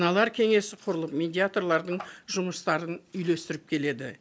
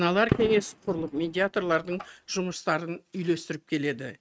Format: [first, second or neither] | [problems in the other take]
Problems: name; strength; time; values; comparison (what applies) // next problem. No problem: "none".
first | noise reduction (neural mask model RNNoise)